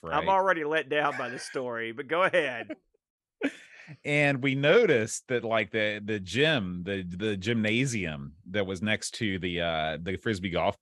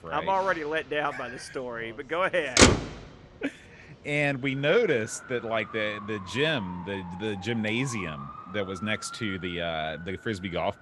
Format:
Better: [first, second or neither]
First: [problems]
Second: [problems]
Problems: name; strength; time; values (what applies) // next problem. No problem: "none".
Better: first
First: none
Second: traffic noise; very loud; throughout; 2 dB above the speech